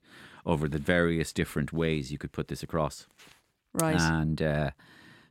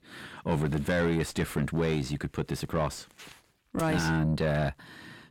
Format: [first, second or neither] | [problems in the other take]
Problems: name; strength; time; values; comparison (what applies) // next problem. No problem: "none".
first | distortion; heavy; 8 dB below the speech